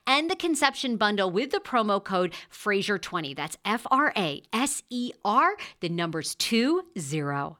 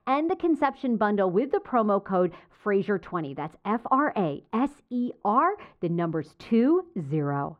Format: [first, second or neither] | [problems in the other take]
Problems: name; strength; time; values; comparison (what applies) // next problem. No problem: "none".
first | muffled; very; fading above 2.5 kHz